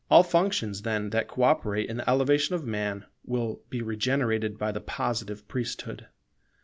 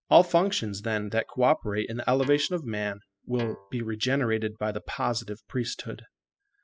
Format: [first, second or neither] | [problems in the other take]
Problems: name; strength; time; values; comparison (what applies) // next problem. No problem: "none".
first | noise reduction (classical method spectral subtraction)